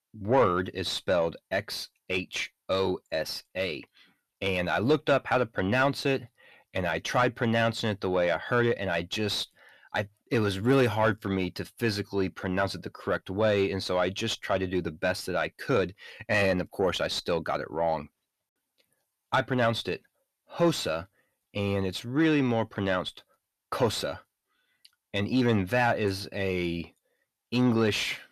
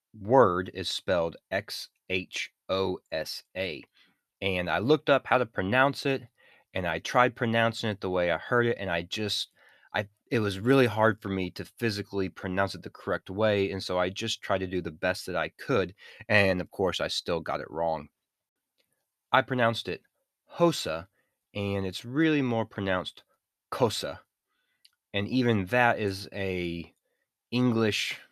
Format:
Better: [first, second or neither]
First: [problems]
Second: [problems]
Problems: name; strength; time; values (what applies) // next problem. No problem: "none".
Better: second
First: distortion; slight; 10 dB below the speech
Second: none